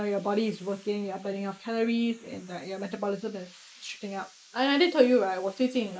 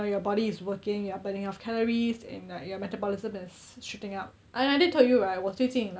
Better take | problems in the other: second | noise reduction (neural mask model Resemble Enhance denoiser)

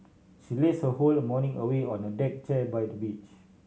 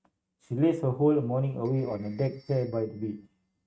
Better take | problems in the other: first | noise reduction (neural mask model RNNoise)

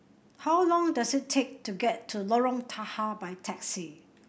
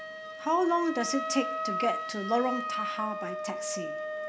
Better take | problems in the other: first | background sound (Wind instrument, woodwind instrument); 3 dB below the speech

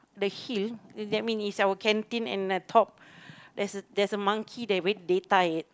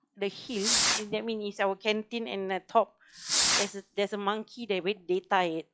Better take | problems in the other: first | noise reduction (classical method log-MMSE)

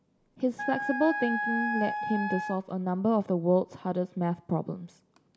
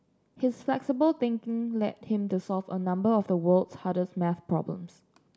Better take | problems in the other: second | background sound (Wind instrument, woodwind instrument); 4 dB below the speech

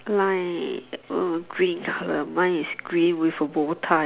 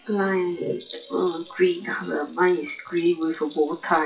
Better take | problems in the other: first | noise reduction (classical method WPE with log-MMSE)

